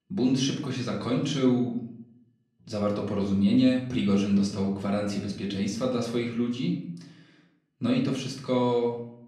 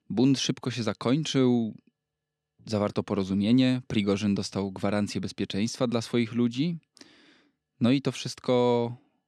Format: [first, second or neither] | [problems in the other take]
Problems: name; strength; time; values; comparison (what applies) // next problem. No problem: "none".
second | off-mic speech; far // room echo; slight; dies away in 0.6 s